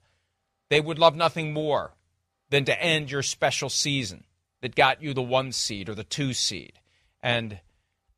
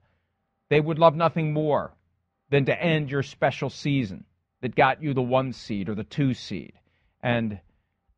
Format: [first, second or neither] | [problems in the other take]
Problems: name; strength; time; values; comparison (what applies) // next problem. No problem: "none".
first | muffled; very; fading above 2 kHz